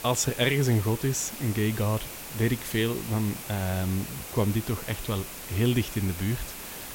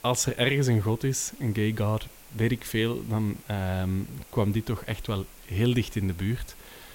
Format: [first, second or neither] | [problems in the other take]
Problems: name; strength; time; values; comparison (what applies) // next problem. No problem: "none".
second | hiss; loud; throughout; 9 dB below the speech; faint in the second